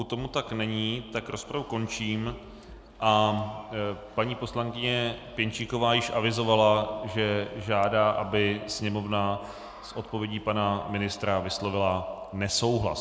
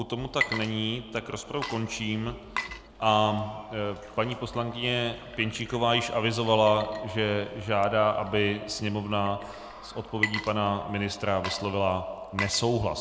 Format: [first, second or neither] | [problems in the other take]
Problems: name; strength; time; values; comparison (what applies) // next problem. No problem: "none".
first | background sound (Water / Liquid); 12 dB below the speech